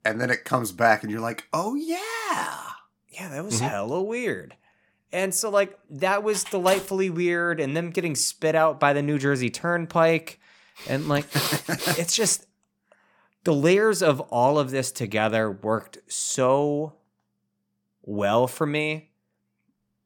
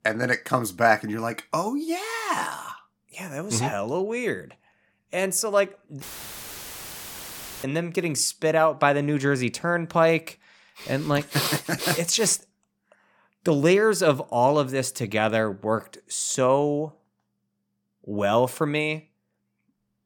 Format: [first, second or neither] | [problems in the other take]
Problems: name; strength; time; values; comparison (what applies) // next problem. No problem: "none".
first | audio cutting out; filled with static; at 6 s for 1.5 s